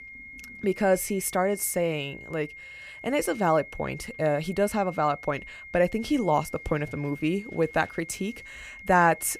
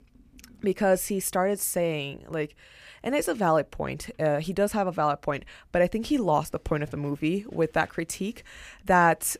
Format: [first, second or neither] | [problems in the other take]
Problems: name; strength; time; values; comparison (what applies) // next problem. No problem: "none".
second | high-pitched whine; noticeable; throughout; 2 kHz, 15 dB below the speech